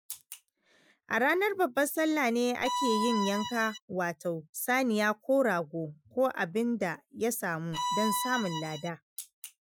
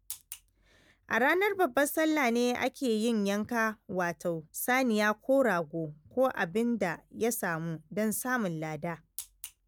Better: second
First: noise reduction (classical method Wiener filter)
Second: none

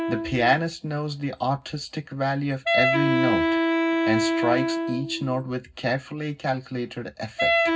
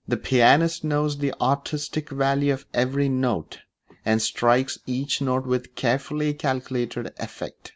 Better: second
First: background sound (Wind instrument, woodwind instrument); 1 dB above the speech // room echo; dies away in 0.4 s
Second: none

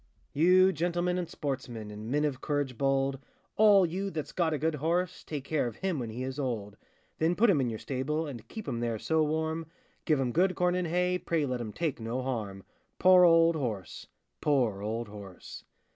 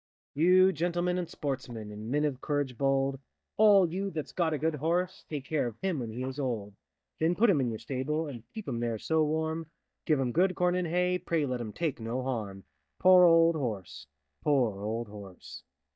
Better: first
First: none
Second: noise reduction (neural mask model DeepFilterNet 3)

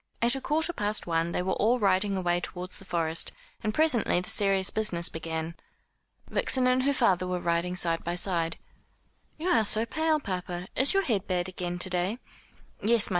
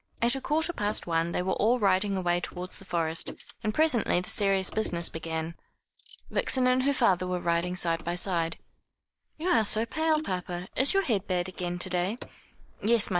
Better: first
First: none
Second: noise reduction (neural mask model Resemble Enhance denoiser)

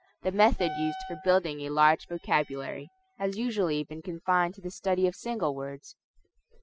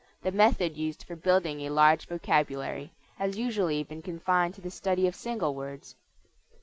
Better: second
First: noise reduction (classical method spectral subtraction)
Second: none

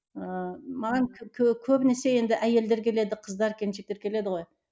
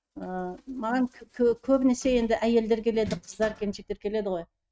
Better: first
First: none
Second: noise reduction (neural mask model RNNoise)

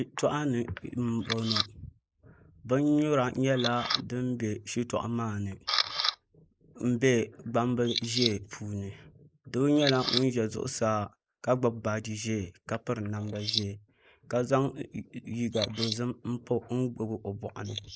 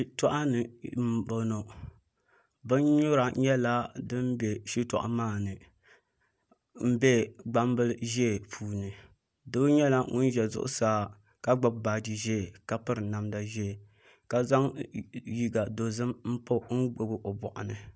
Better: second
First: noise reduction (neural mask model Resemble Enhance denoiser)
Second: none

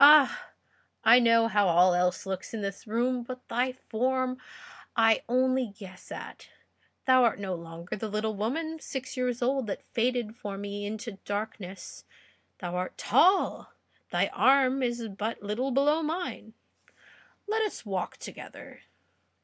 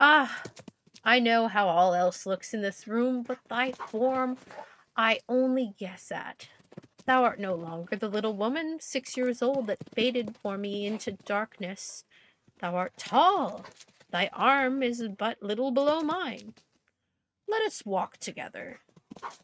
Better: first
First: none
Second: noise reduction (neural mask model RNNoise)

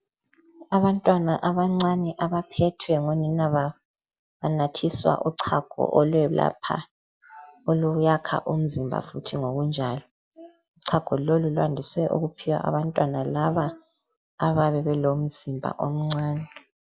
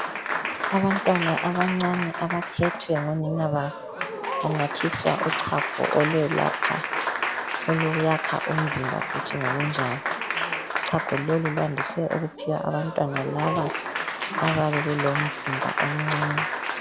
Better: first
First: none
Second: background sound (Applause); 2 dB below the speech

